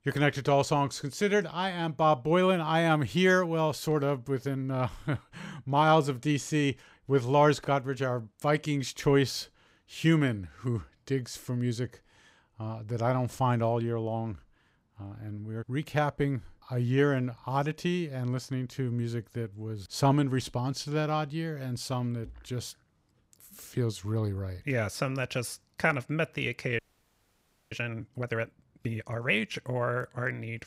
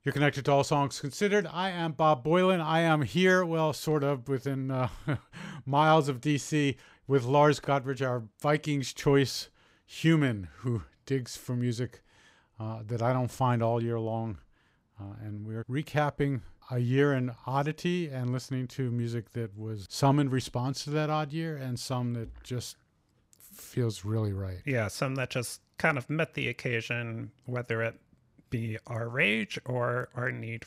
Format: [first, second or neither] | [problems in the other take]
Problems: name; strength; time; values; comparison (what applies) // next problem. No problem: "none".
second | audio freezing; at 27 s for 1 s